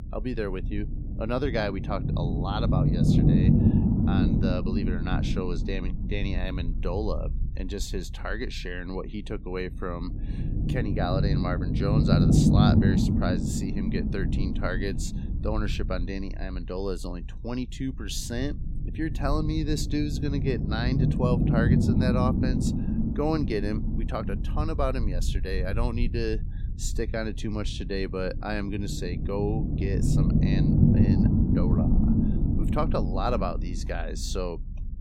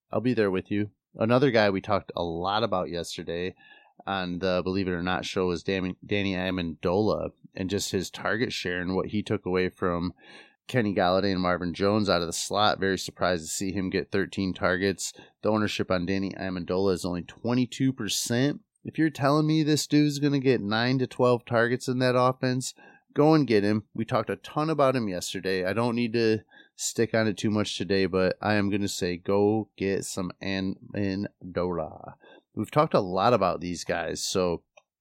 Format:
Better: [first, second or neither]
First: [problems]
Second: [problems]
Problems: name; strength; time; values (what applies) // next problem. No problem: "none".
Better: second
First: low rumble; loud; throughout; 1 dB below the speech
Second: none